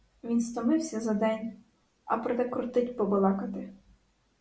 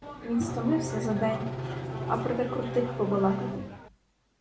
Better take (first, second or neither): first